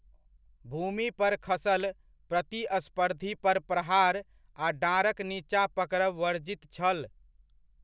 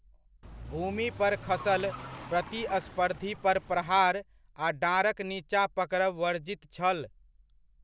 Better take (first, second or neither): first